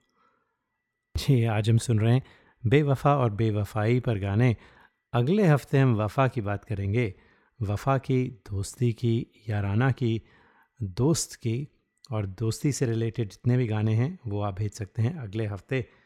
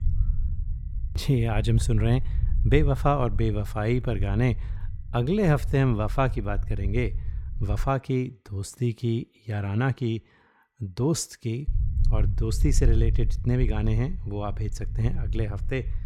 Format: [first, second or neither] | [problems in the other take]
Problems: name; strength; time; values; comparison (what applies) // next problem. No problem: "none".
first | low rumble; noticeable; until 8 s and from 12 s on; 20 dB below the speech